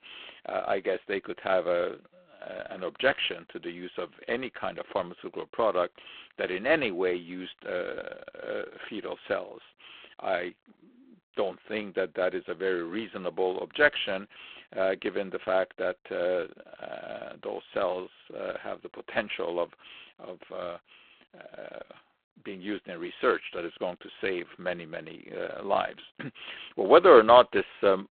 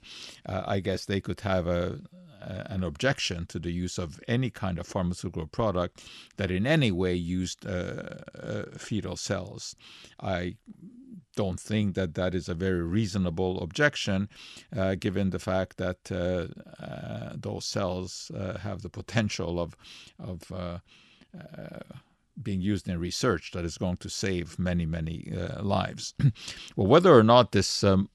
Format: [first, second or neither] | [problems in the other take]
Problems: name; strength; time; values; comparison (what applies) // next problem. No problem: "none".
second | phone-call audio; poor line